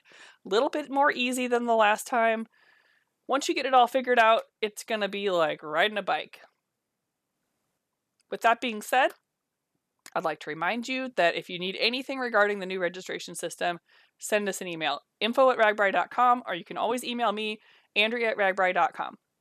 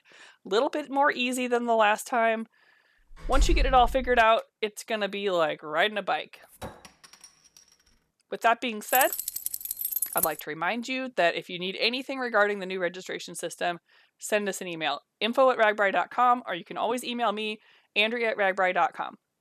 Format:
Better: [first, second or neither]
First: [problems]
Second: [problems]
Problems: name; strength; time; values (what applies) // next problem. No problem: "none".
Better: first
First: none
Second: door banging; noticeable; at 3.5 s; peak 2 dB below the speech // clattering dishes; faint; from 6.5 to 7.5 s; peak 15 dB below the speech // jangling keys; loud; from 9 to 10 s; peak level with the speech